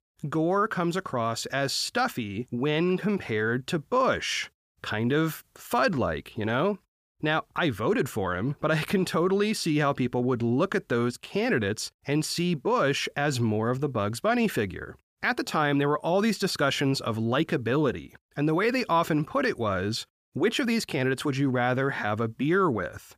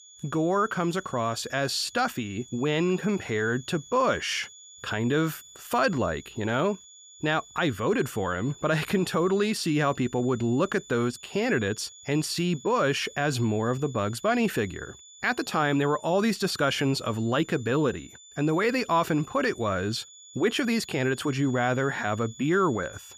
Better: first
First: none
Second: high-pitched whine; noticeable; throughout; 7 kHz, 20 dB below the speech

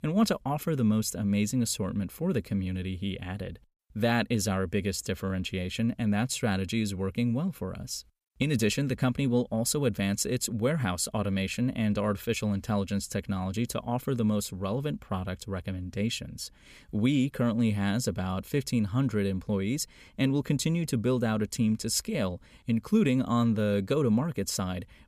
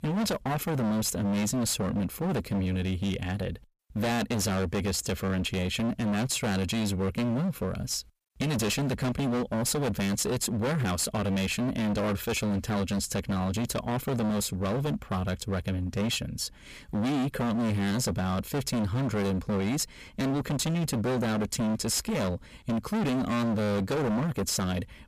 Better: first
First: none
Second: distortion; heavy; 34% of the sound clipped

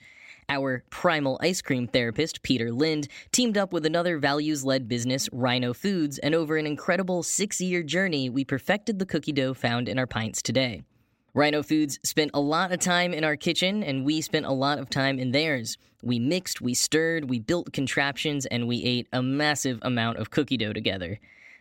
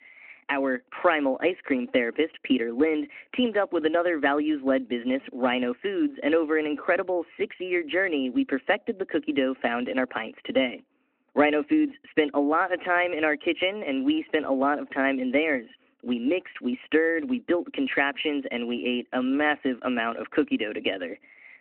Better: first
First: none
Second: phone-call audio

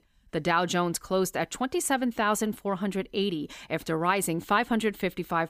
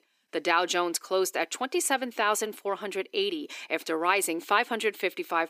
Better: first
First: none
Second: thin; somewhat; fading below 350 Hz

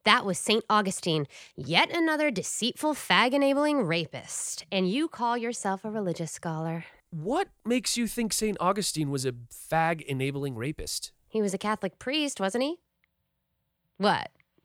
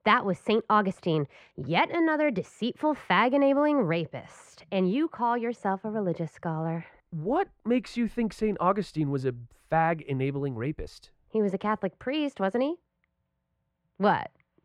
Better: first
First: none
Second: muffled; very; fading above 4 kHz

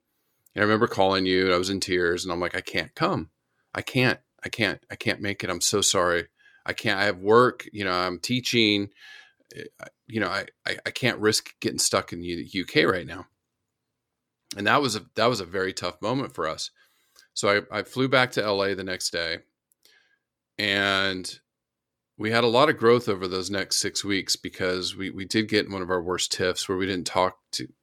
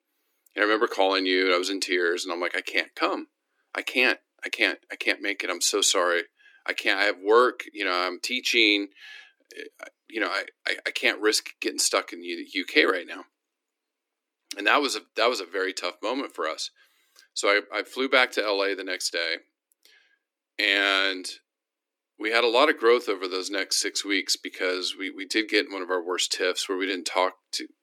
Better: first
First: none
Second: thin; very slightly; fading below 300 Hz

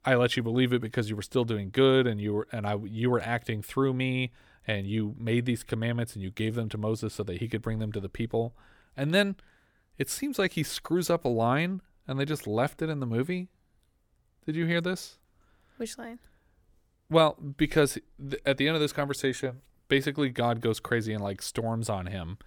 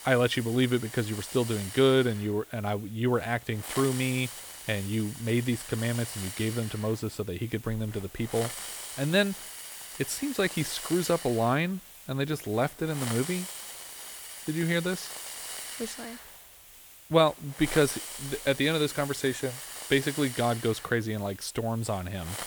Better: first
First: none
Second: hiss; noticeable; throughout; 10 dB below the speech

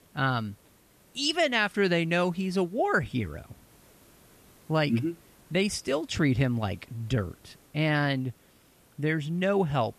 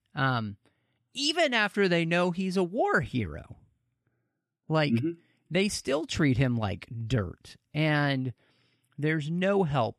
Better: second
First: hiss; faint; throughout; 30 dB below the speech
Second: none

